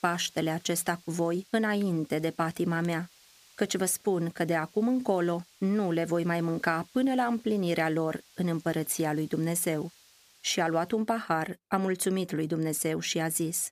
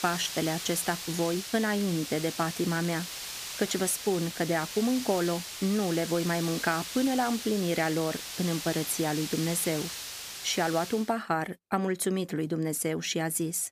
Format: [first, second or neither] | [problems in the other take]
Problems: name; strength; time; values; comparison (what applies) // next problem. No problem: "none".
first | hiss; loud; until 11 s; 7 dB below the speech; faint in the first